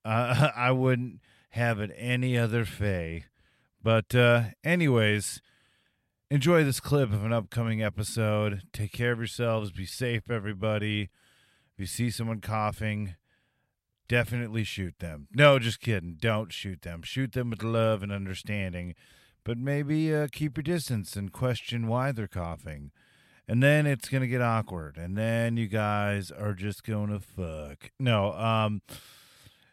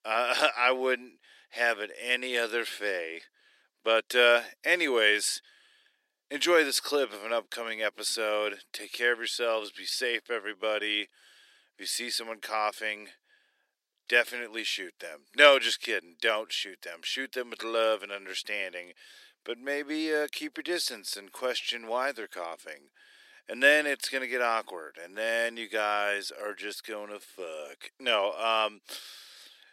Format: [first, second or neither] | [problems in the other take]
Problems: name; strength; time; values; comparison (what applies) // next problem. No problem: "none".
first | thin; very; fading below 300 Hz